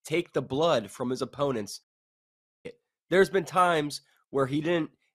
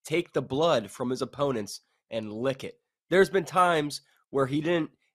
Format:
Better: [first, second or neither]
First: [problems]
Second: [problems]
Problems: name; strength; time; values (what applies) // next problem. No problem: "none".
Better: second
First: audio cutting out; at 2 s for 1 s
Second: none